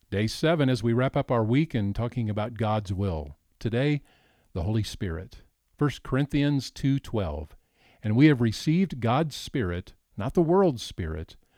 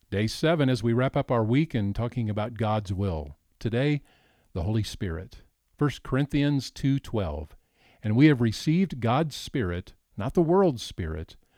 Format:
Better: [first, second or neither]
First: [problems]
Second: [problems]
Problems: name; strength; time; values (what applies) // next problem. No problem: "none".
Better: neither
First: none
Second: none